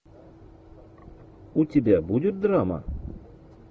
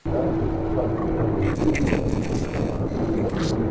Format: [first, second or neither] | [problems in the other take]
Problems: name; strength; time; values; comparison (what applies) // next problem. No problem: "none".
first | noise reduction (neural separator model SepFormer DNS4)